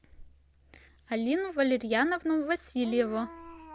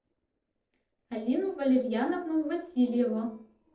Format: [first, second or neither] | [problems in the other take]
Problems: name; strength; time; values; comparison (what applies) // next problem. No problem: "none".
first | noise reduction (neural separator model SepFormer DNS4)